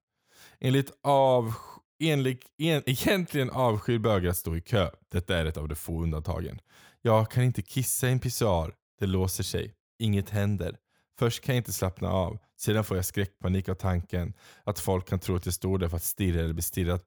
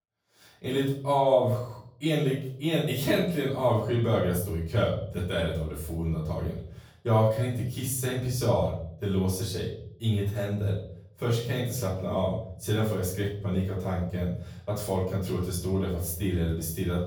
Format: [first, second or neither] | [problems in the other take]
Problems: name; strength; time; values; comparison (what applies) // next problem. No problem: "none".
first | off-mic speech; far // room echo; noticeable; dies away in 0.6 s